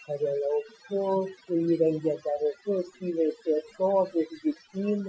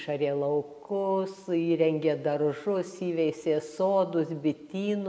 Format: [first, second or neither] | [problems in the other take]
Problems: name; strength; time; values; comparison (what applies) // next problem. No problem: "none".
second | noise reduction (classical method Wiener filter)